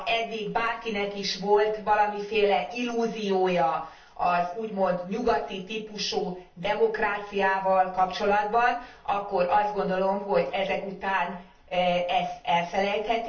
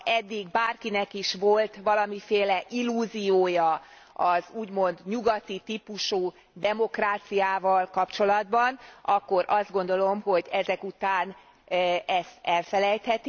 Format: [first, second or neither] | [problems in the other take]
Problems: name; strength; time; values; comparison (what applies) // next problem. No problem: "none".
second | room echo; dies away in 0.4 s